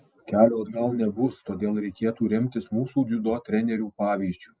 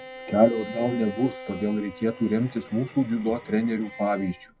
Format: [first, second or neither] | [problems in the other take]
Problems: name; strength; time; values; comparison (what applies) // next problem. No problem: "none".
first | background sound (Bowed string instrument); 16 dB below the speech